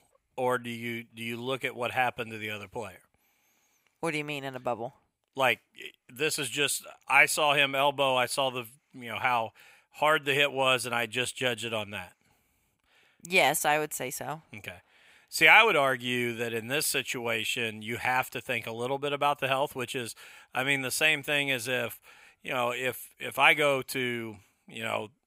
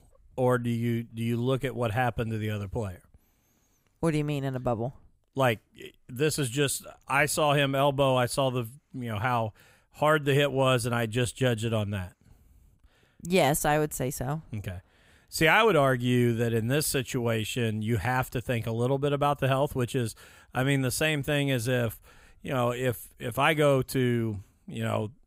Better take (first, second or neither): second